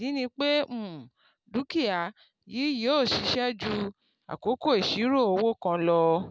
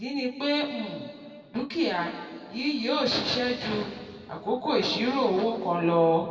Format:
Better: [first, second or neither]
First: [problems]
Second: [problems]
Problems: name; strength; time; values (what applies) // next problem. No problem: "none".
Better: first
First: none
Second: room echo; dies away in 2.1 s